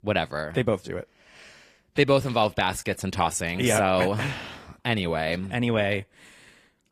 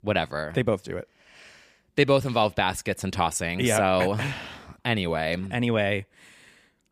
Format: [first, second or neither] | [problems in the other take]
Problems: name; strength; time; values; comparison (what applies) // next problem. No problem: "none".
second | garbled, watery; slightly; nothing above 15 kHz